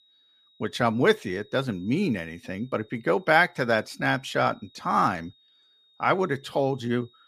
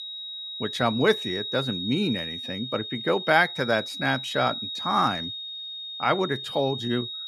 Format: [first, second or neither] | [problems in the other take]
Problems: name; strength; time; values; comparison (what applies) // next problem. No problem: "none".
first | high-pitched whine; loud; throughout; 4 kHz, 6 dB below the speech; faint in the first